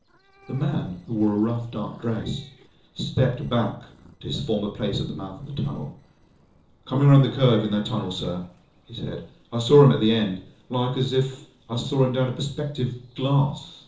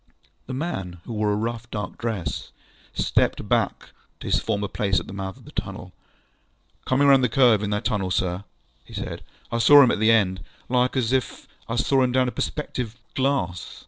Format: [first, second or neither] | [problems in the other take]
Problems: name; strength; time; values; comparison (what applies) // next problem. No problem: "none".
second | noise reduction (neural separator model SepFormer DNS4)